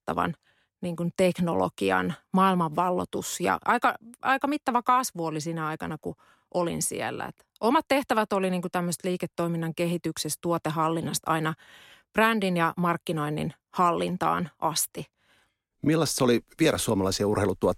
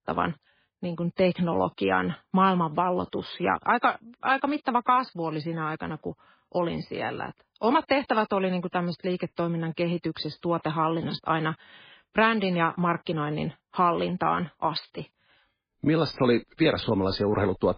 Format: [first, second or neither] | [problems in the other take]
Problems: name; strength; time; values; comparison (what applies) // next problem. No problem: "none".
first | garbled, watery; badly; nothing above 4 kHz